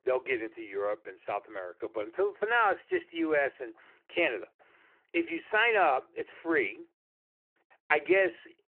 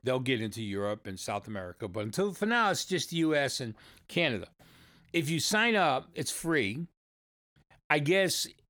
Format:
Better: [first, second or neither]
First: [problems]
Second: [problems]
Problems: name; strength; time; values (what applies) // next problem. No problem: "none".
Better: second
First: phone-call audio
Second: none